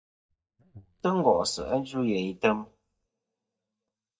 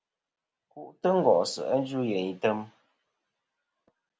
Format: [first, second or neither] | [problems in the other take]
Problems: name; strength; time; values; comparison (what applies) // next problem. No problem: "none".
second | noise reduction (neural mask model DeepFilterNet 3)